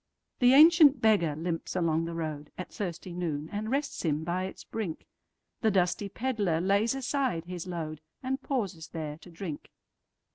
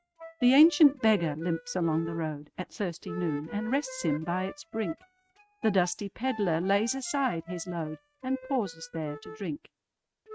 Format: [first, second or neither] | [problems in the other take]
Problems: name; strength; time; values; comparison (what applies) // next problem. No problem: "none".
first | noise reduction (neural mask model RNNoise)